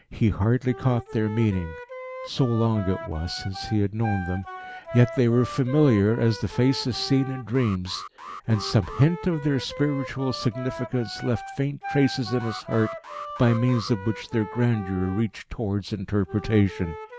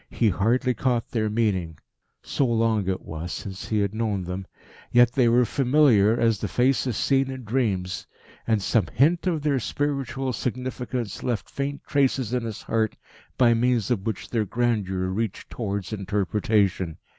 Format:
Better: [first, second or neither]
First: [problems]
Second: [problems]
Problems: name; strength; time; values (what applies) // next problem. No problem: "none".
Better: second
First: background sound (Alarm + Wind instrument, woodwind instrument); 13 dB below the speech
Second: none